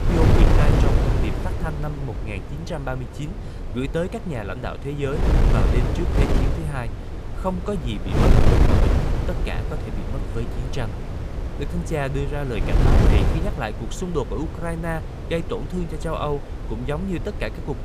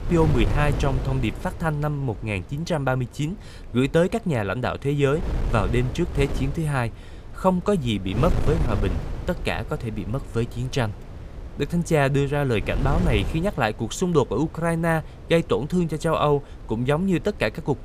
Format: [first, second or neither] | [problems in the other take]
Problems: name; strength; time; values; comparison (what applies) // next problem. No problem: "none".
second | wind noise on the microphone; heavy; as loud as the speech; occasional gusts in the second